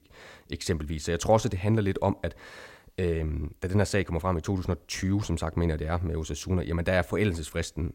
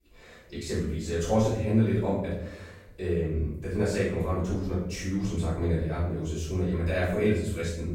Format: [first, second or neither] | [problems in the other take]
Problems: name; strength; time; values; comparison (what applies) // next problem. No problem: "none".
first | off-mic speech; far // room echo; noticeable; dies away in 0.7 s